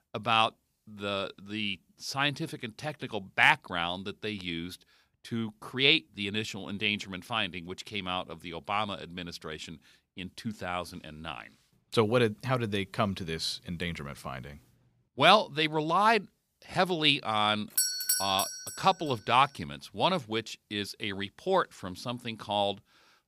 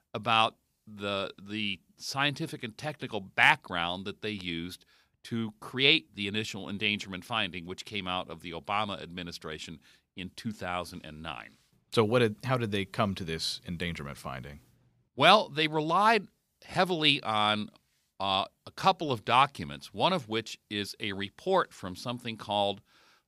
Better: second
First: doorbell; loud; at 18 s; peak 4 dB above the speech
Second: none

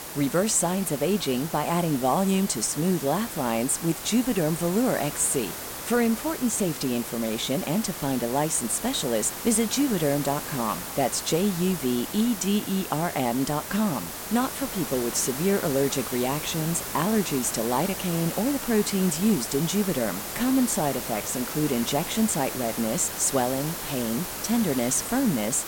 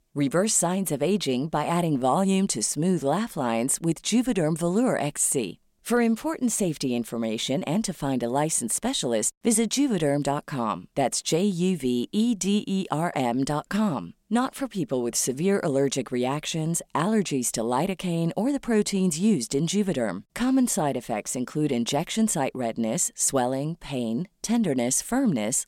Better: second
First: hiss; loud; throughout; 7 dB below the speech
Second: none

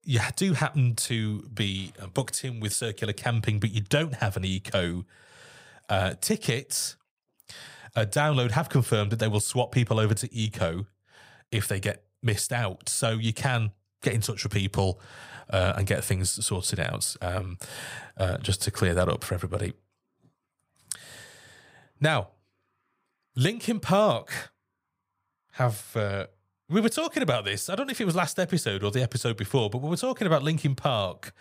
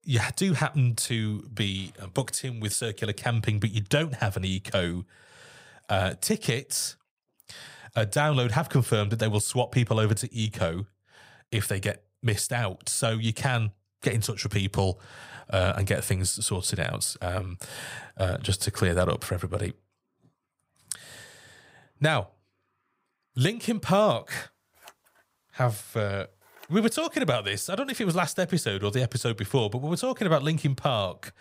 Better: first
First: none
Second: household noises; faint; from 24 s on; 30 dB below the speech

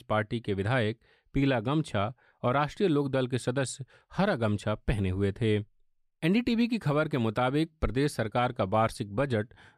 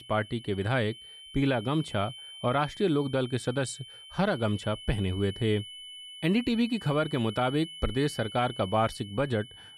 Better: first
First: none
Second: high-pitched whine; noticeable; throughout; 3 kHz, 15 dB below the speech

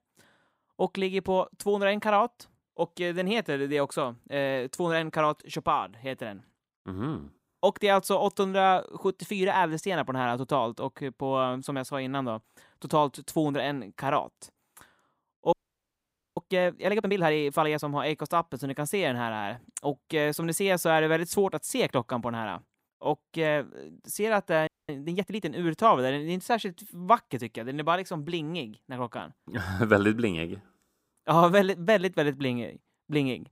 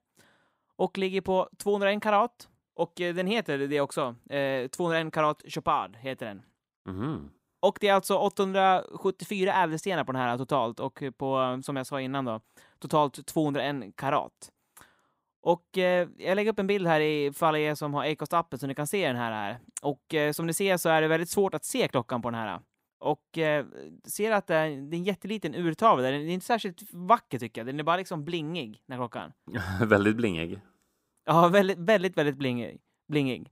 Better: second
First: audio freezing; at 16 s for 1 s and at 25 s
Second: none

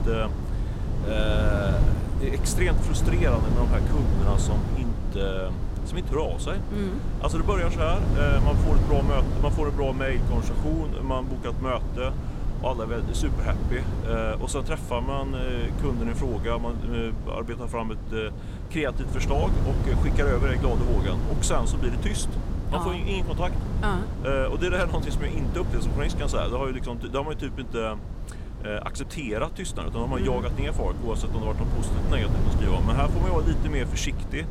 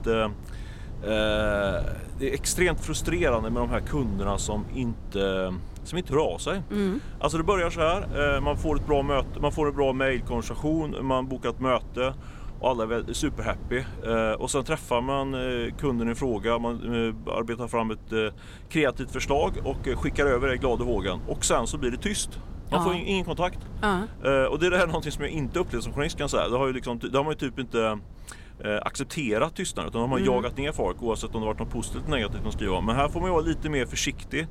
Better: second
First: wind noise on the microphone; heavy; 7 dB below the speech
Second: wind noise on the microphone; occasional gusts; 20 dB below the speech

